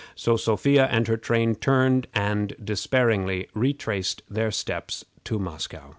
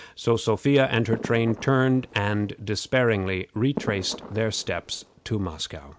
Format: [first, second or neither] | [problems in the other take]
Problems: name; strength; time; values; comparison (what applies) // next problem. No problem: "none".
first | background sound (Fireworks); 14 dB below the speech